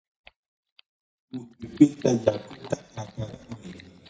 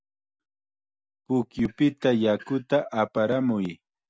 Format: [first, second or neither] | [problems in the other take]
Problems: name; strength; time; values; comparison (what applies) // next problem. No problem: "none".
second | noise reduction (neural mask model DeepFilterNet 3)